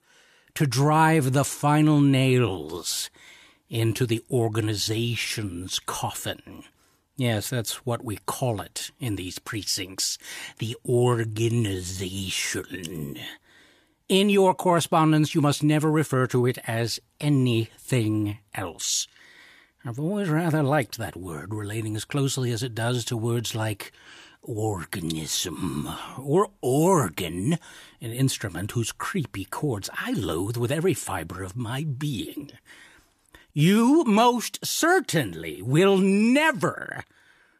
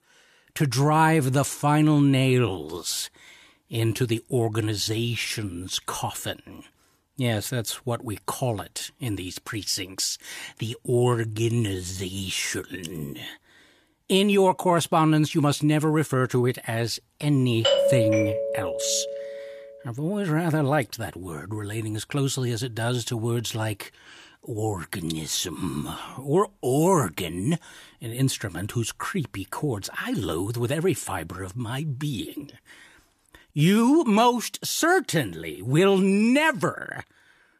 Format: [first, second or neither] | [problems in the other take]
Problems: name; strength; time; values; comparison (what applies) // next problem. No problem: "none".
first | doorbell; loud; from 18 to 19 s; peak 4 dB above the speech